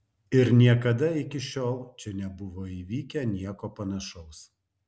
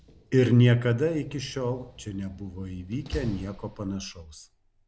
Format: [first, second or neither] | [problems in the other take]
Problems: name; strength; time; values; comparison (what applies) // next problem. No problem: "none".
first | background sound (Slam); 18 dB below the speech